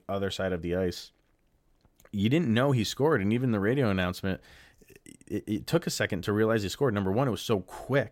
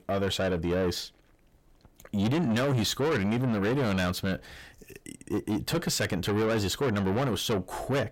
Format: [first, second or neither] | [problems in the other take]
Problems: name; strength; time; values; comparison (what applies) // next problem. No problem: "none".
first | distortion; heavy; 6 dB below the speech